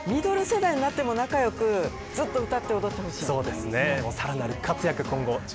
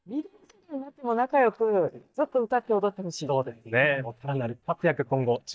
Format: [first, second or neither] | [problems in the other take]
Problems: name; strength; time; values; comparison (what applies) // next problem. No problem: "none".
first | noise reduction (neural mask model DeepFilterNet 3)